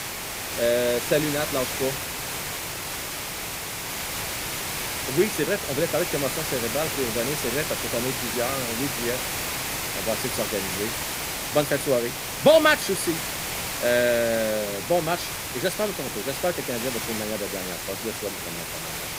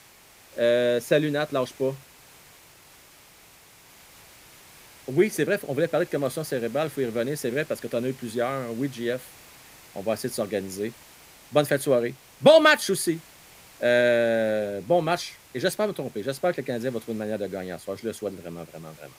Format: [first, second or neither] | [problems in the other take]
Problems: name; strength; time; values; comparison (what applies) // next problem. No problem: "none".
second | hiss; loud; throughout; 2 dB below the speech; faint in the second